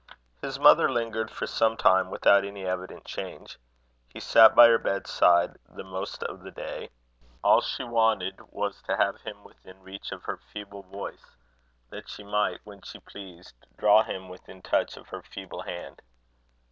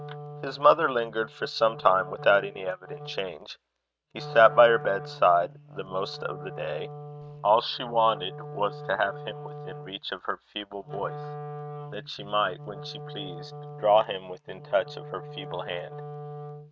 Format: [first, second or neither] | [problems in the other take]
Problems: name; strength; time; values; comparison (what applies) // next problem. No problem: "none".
first | noise reduction (neural mask model RNNoise)